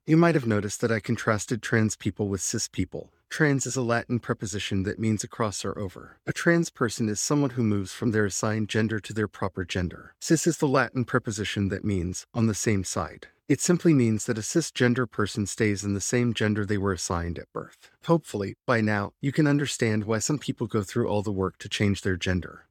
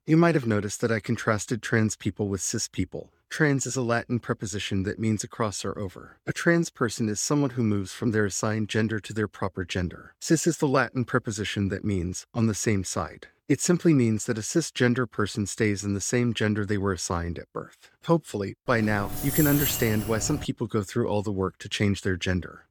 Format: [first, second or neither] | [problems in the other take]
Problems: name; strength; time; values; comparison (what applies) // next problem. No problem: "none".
first | jangling keys; loud; from 19 to 20 s; peak 1 dB above the speech